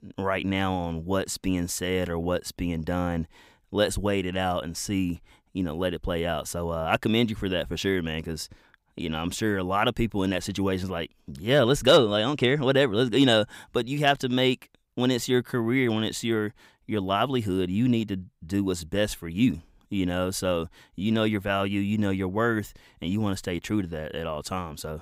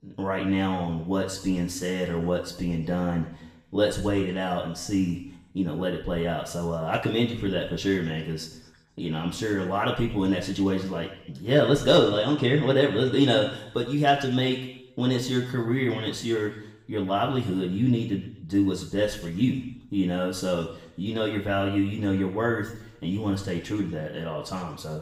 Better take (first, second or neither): first